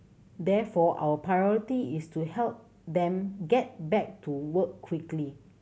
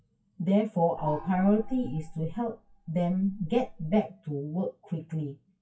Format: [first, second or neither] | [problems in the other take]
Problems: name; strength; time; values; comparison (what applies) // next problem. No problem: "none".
first | noise reduction (classical method WPE with log-MMSE)